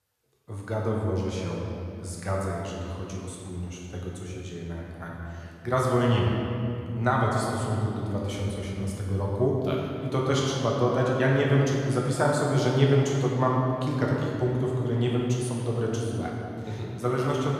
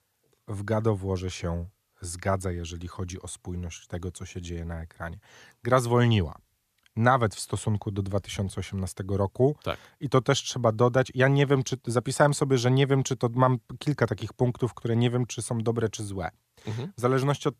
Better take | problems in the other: second | room echo; noticeable; dies away in 2.6 s // off-mic speech; far

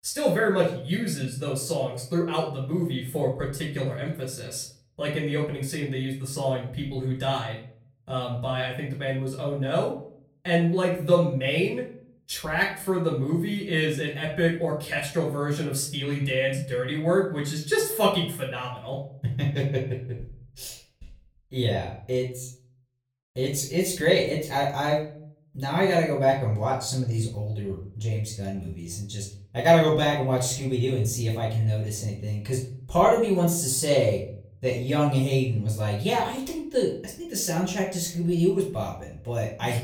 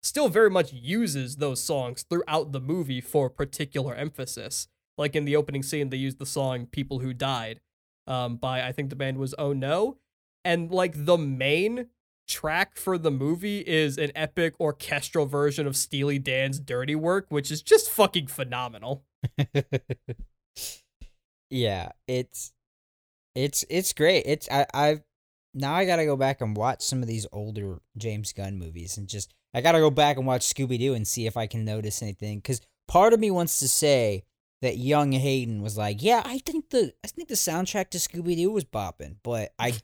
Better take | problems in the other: second | off-mic speech; far // room echo; slight; dies away in 0.4 s

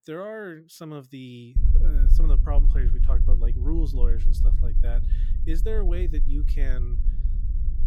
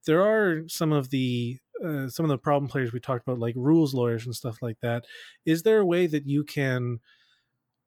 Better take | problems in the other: second | low rumble; loud; from 1.5 s on; 9 dB below the speech

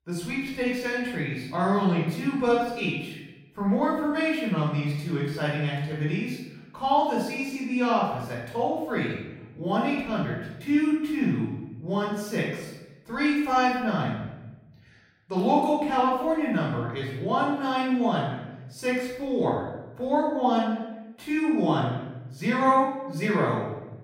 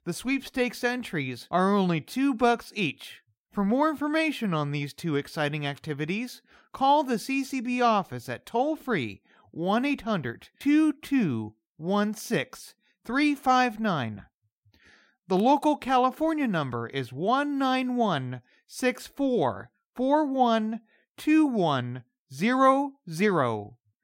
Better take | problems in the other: second | off-mic speech; far // room echo; noticeable; dies away in 0.9 s

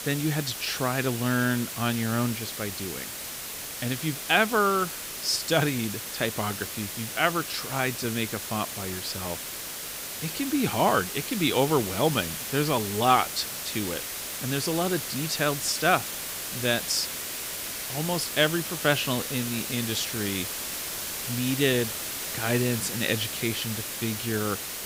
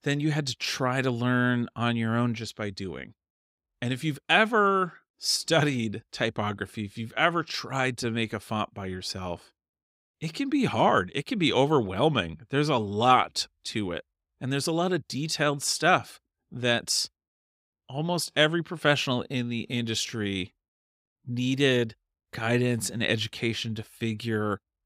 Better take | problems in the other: second | hiss; loud; throughout; 5 dB below the speech

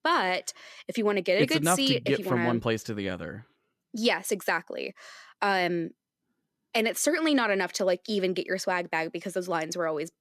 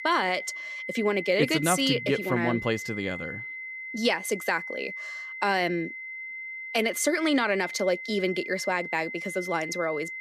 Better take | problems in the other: first | high-pitched whine; loud; throughout; 2 kHz, 8 dB below the speech

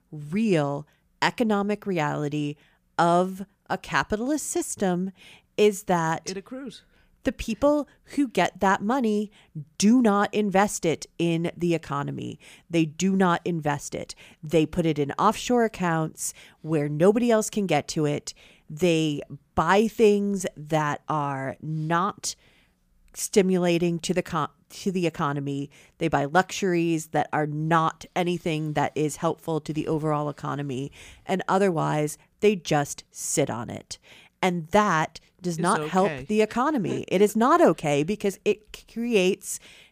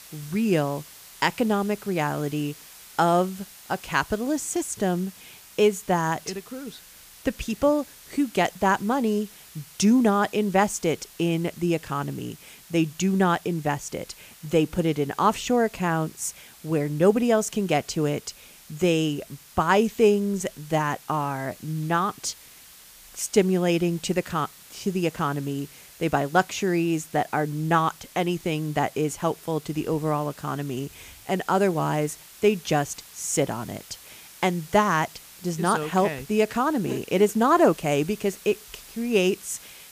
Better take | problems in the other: first | hiss; faint; throughout; 20 dB below the speech

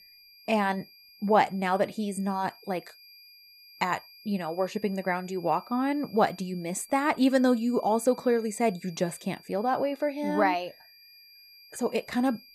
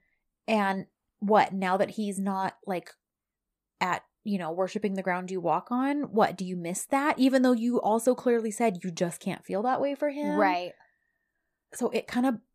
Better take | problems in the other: second | high-pitched whine; faint; throughout; 5 kHz, 25 dB below the speech

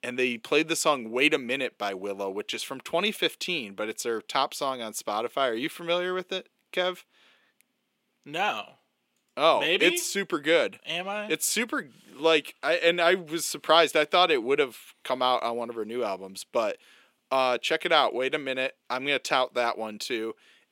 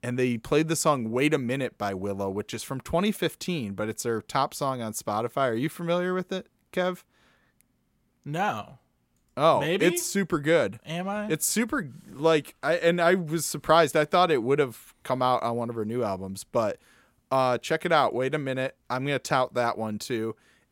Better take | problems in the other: second | thin; very slightly; fading below 350 Hz

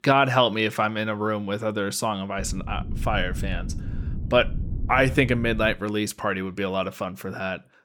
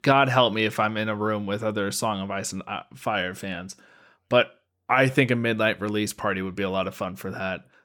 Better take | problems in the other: second | low rumble; faint; from 2.5 to 5.5 s; 20 dB below the speech

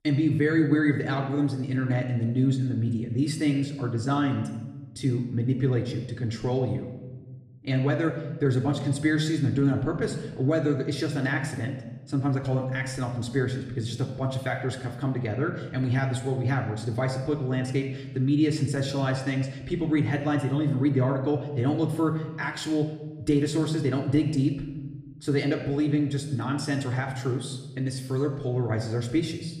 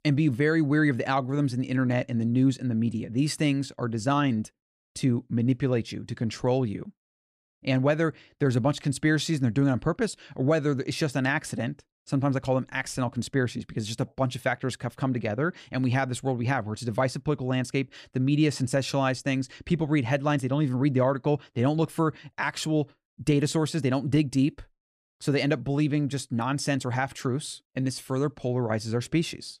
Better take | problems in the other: second | room echo; slight; dies away in 1 s // off-mic speech; somewhat distant

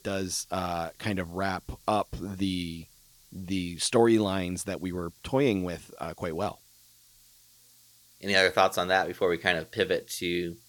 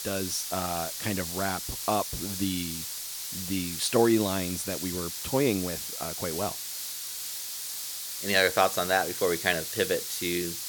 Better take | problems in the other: first | hiss; loud; throughout; 4 dB below the speech; faint in the first

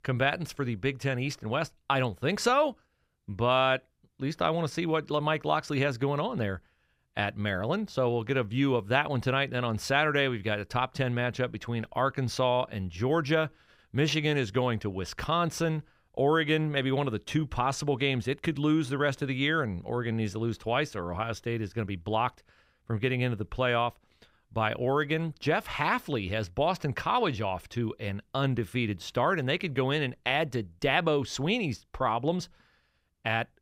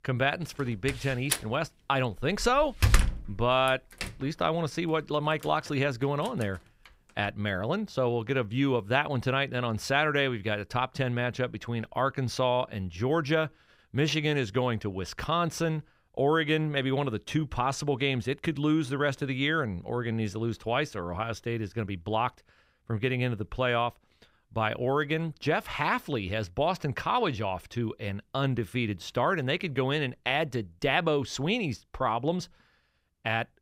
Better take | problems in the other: first | door banging; loud; from 1 to 4 s; peak 4 dB above the speech

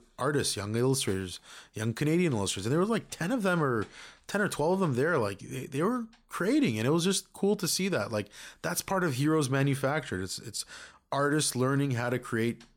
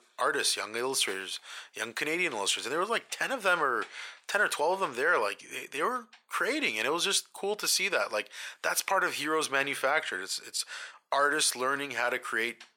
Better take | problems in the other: first | thin; very; fading below 650 Hz

